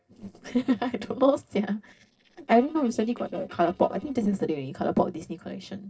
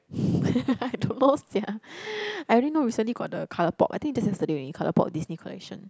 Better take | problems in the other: second | noise reduction (neural separator model SepFormer DNS4)

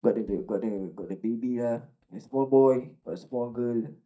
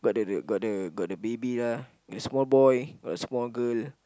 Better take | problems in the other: second | noise reduction (neural mask model DeepFilterNet 3)

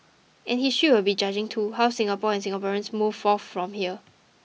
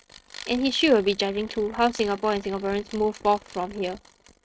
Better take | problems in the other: first | noise reduction (neural mask model RNNoise)

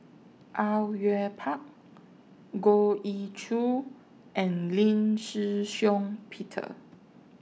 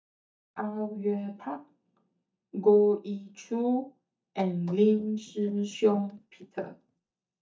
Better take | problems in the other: first | noise reduction (neural mask model DeepFilterNet 3)

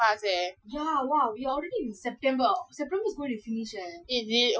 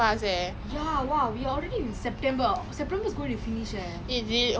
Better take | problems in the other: second | noise reduction (classical method Wiener filter)

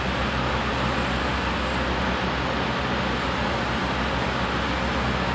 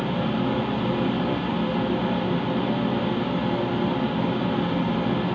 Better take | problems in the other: first | room echo; dies away in 0.8 s

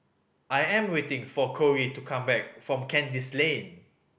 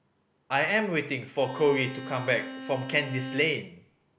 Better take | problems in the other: first | background sound (Bowed string instrument); 12 dB below the speech

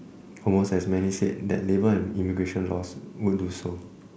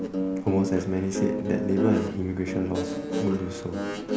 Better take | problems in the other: first | background sound (Guitar); 1 dB below the speech

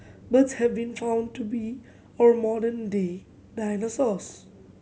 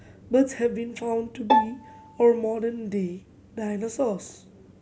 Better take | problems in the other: first | background sound (Bowed string instrument); as loud as the speech

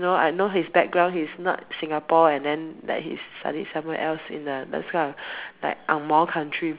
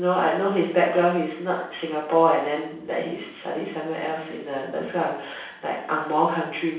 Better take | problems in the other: first | room echo; dies away in 0.7 s

